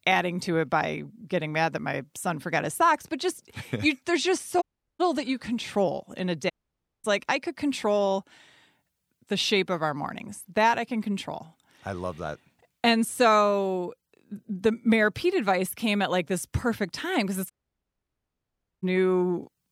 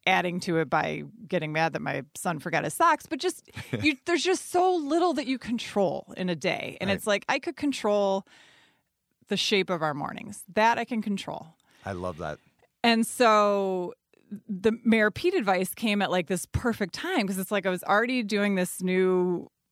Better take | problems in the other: second | audio cutting out; at 4.5 s, at 6.5 s for 0.5 s and at 18 s for 1.5 s

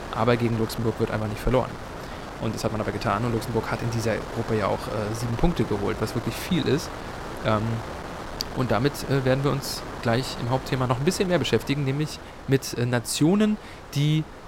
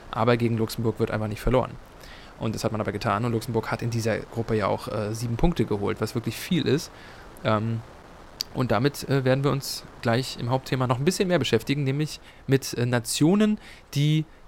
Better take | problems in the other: second | wind noise on the microphone; heavy; 8 dB below the speech; occasional gusts in the second

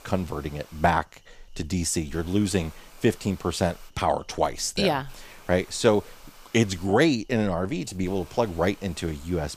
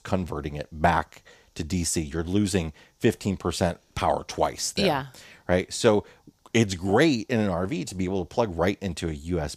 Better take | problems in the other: second | hiss; faint; throughout; 25 dB below the speech

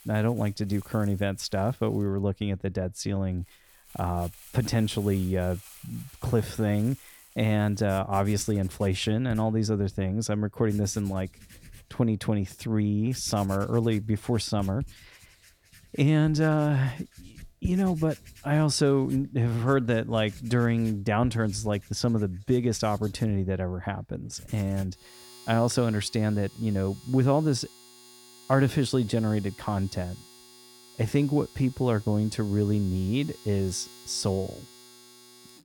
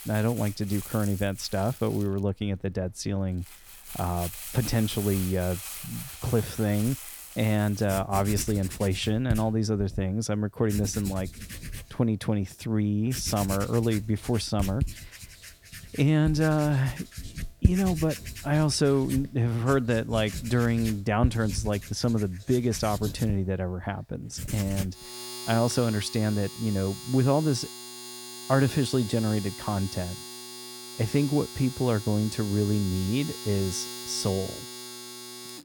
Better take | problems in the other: first | household noises; loud; throughout; 10 dB below the speech; faint in the first

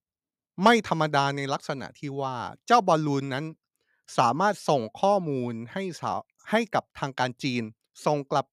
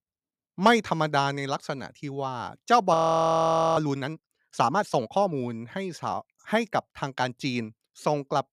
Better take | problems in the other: first | audio freezing; at 3 s for 1 s

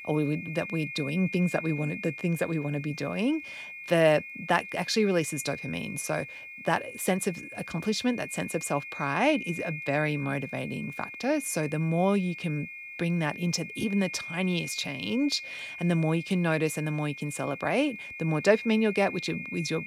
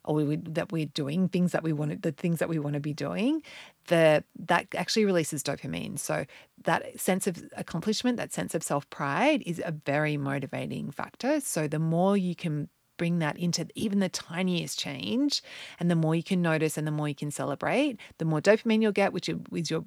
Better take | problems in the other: second | high-pitched whine; loud; throughout; 2.5 kHz, 10 dB below the speech

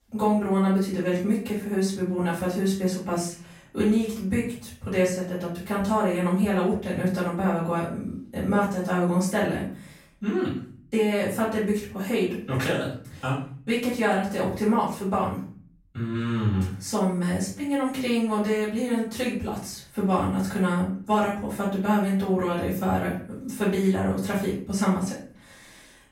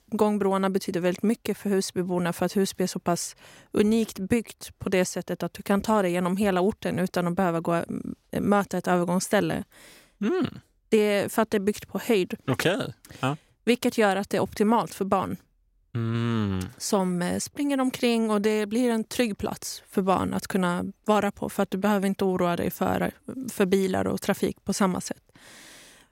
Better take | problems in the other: second | off-mic speech; far // room echo; noticeable; dies away in 0.4 s

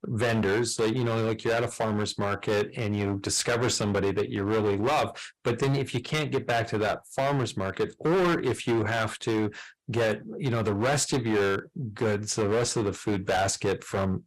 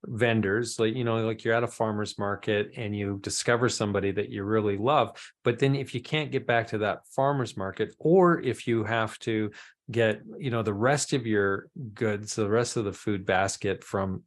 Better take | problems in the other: second | distortion; heavy; 15% of the sound clipped

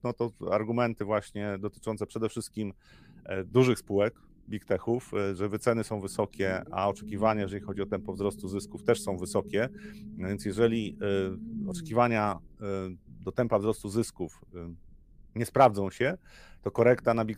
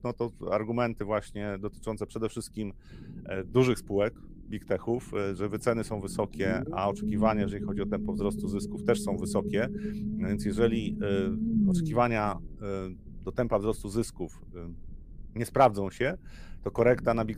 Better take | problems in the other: first | low rumble; loud; throughout; 10 dB below the speech; faint in the first

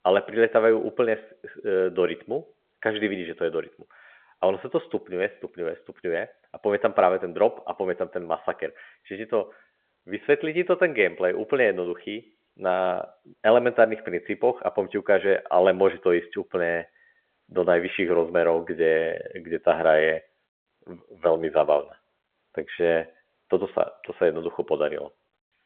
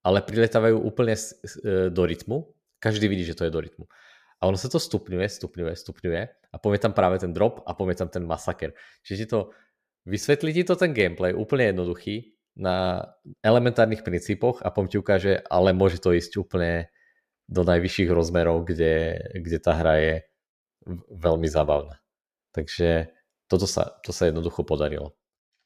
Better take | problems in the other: second | phone-call audio

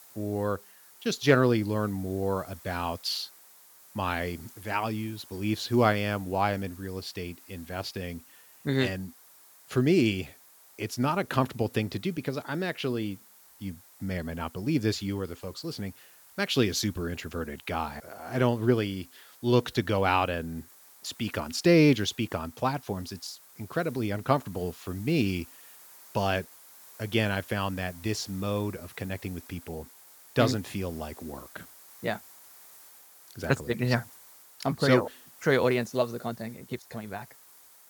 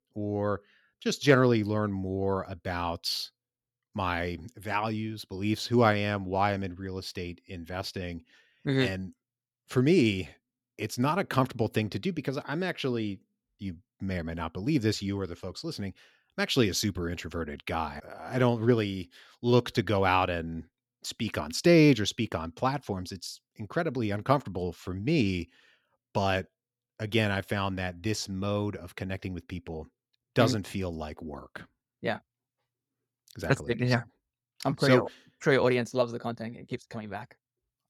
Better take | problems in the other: second | hiss; faint; throughout; 20 dB below the speech

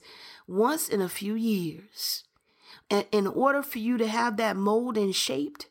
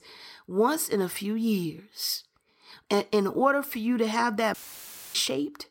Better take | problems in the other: first | audio cutting out; filled with static; at 4.5 s for 0.5 s

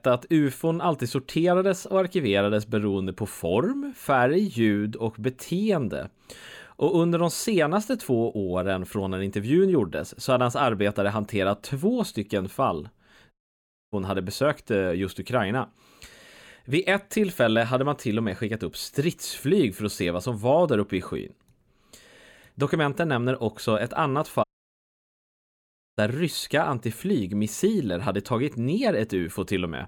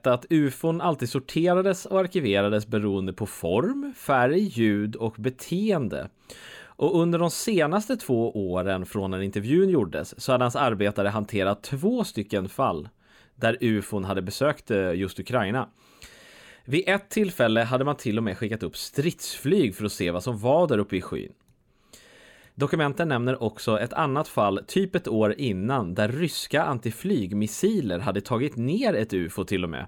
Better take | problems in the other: second | audio cutting out; at 13 s for 0.5 s and at 24 s for 1.5 s

